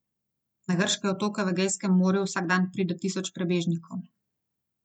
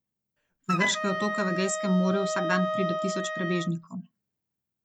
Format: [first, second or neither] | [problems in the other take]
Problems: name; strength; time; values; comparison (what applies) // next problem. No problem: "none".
first | background sound (Wind instrument, woodwind instrument); 1 dB below the speech